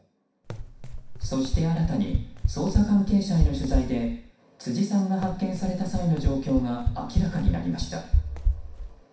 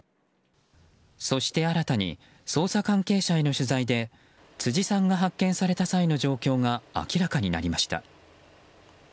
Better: second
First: background sound (Run); 1 dB below the speech // room echo; dies away in 0.6 s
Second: none

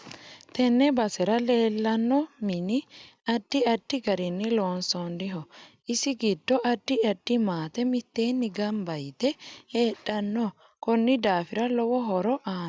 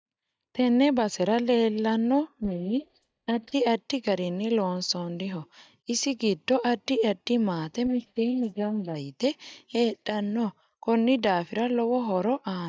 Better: first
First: none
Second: noise reduction (neural mask model DeepFilterNet 3)

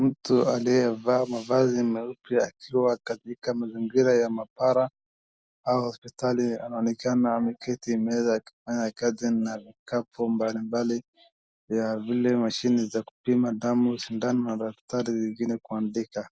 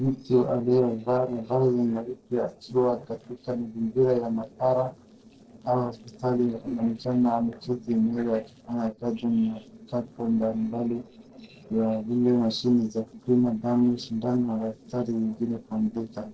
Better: first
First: none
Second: noise reduction (neural separator model SepFormer DNS4)

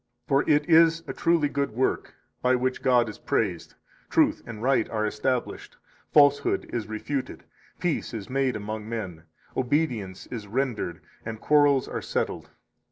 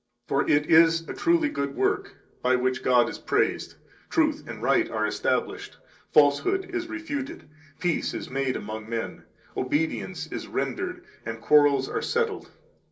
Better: first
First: none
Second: room echo; dies away in 0.2 s

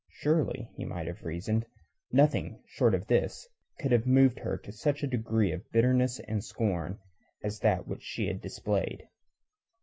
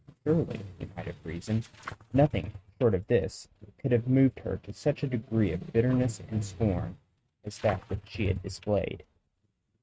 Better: first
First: none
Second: noise reduction (neural mask model RNNoise)

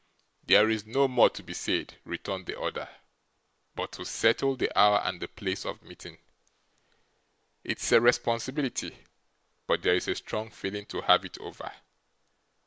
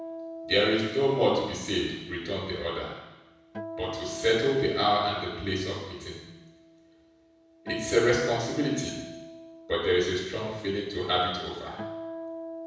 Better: first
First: none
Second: background sound (Acoustic guitar); 13 dB below the speech // room echo; dies away in 1.1 s

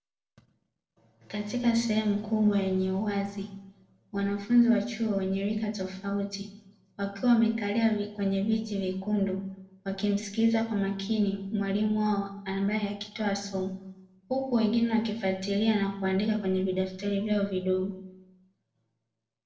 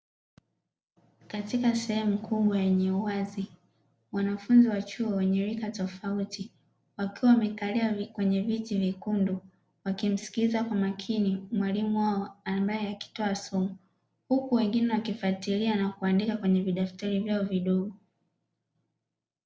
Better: second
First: room echo; dies away in 0.6 s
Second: none

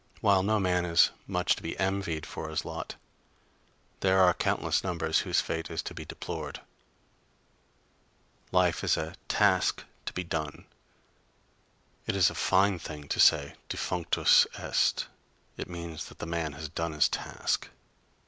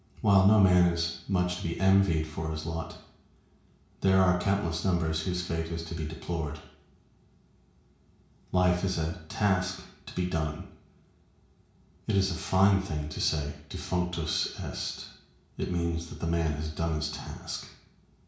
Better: first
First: none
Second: room echo; dies away in 0.6 s

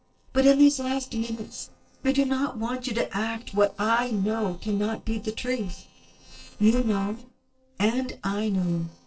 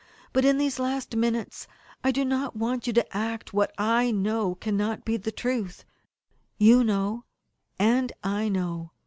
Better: second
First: noise reduction (neural separator model SepFormer DNS4)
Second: none

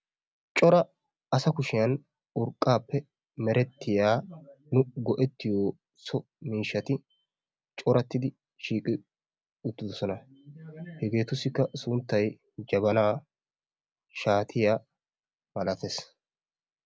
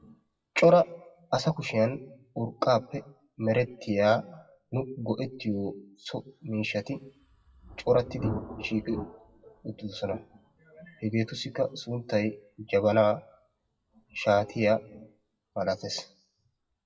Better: first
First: none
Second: noise reduction (classical method WPE with log-MMSE)

